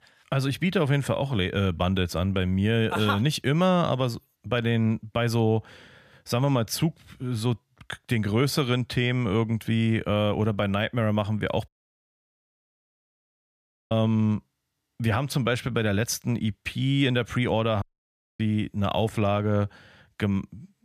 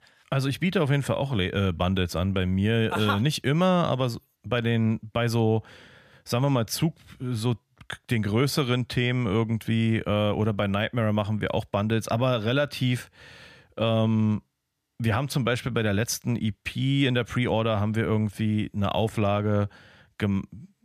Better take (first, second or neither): second